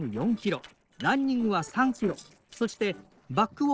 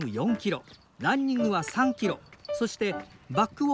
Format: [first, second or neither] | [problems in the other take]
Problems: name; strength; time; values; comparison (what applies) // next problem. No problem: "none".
second | noise reduction (neural separator model SepFormer DNS4)